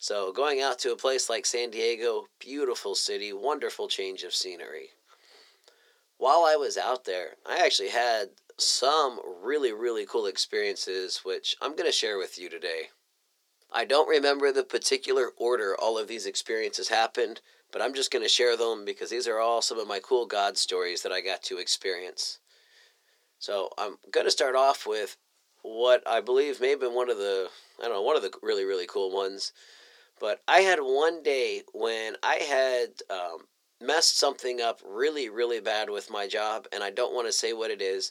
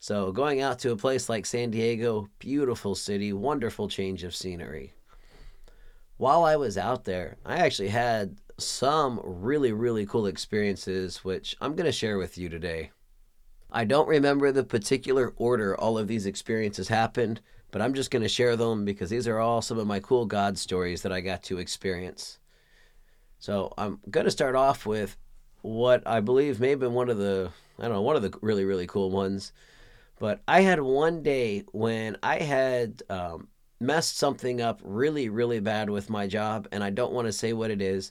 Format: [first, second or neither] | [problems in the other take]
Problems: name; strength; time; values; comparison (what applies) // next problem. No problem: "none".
second | thin; very; fading below 350 Hz